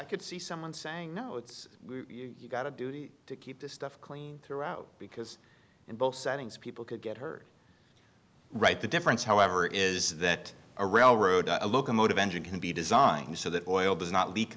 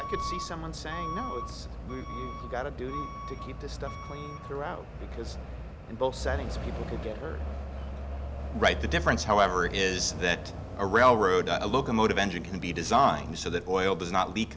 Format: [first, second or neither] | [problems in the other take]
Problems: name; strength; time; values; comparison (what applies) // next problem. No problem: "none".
first | background sound (Alarm / Truck); 7 dB below the speech